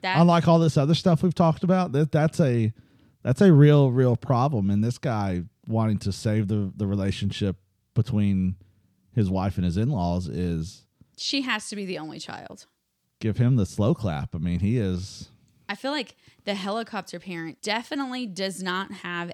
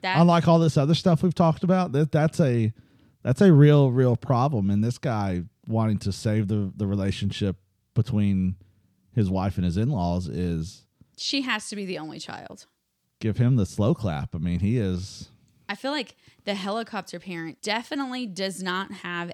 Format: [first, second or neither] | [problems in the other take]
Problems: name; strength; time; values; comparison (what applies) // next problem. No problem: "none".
neither | none